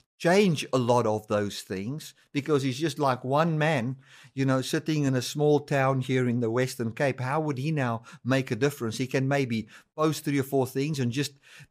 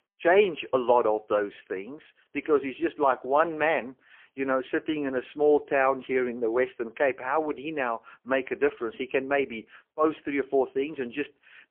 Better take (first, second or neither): first